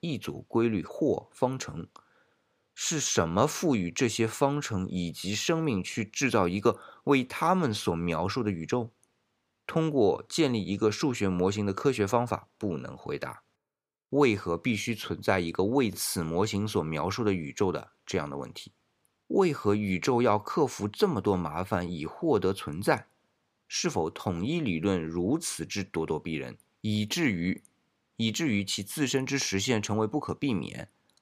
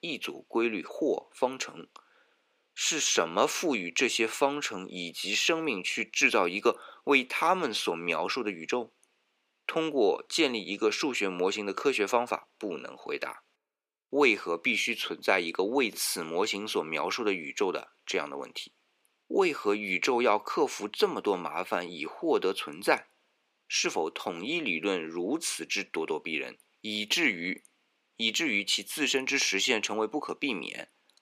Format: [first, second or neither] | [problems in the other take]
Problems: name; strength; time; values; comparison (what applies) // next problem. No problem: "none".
first | thin; somewhat; fading below 300 Hz